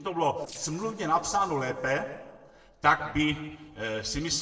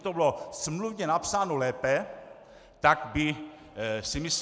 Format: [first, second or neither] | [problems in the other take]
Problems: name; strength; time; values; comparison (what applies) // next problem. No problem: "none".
second | noise reduction (neural separator model SepFormer DNS4)